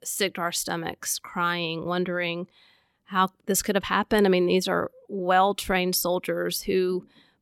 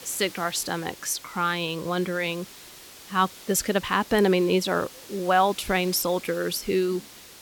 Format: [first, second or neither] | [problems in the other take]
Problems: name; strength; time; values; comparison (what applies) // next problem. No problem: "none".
first | hiss; noticeable; throughout; 20 dB below the speech